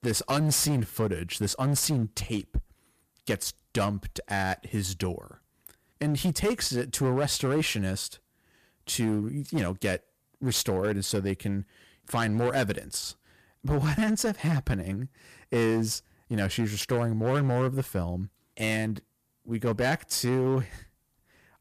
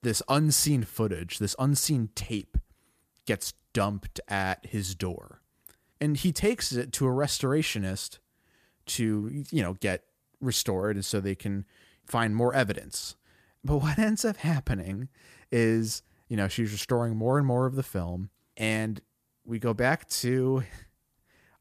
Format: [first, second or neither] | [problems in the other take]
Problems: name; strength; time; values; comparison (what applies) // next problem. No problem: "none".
second | distortion; slight; 9% of the sound clipped